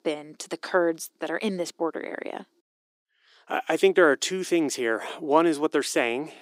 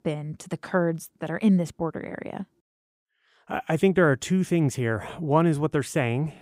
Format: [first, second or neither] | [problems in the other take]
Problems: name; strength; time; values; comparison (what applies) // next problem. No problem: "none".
second | thin; somewhat; fading below 300 Hz